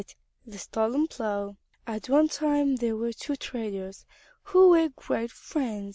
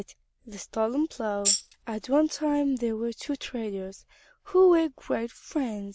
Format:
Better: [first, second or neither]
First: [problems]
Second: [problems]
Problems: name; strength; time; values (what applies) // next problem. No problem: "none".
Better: first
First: none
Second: background sound (Tambourine); 2 dB above the speech